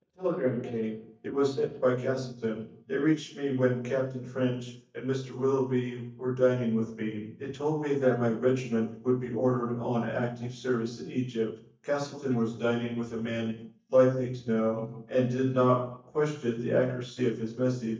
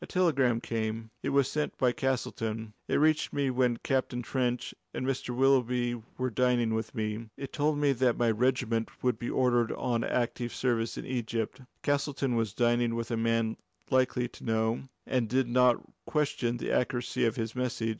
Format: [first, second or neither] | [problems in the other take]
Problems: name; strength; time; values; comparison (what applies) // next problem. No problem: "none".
second | noise reduction (neural mask model DeepFilterNet 3)